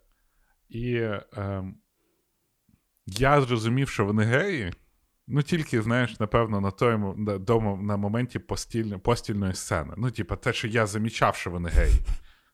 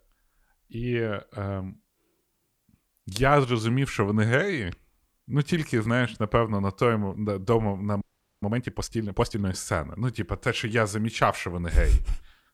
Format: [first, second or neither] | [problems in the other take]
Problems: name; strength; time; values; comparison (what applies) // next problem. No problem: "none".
first | audio freezing; at 8 s